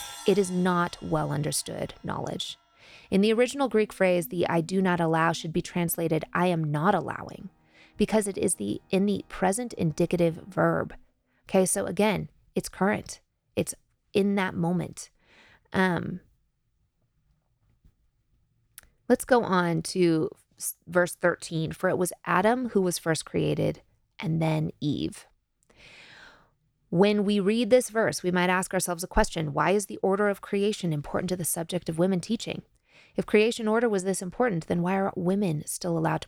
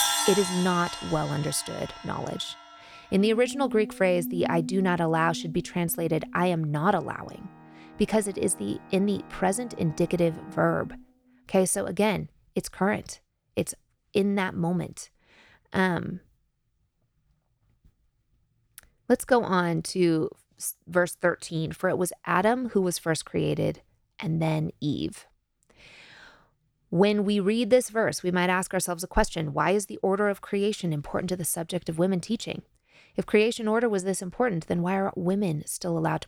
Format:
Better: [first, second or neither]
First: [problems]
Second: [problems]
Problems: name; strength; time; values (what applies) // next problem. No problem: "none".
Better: first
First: background music; faint; until 11 s; 25 dB below the speech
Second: background music; loud; until 11 s; 10 dB below the speech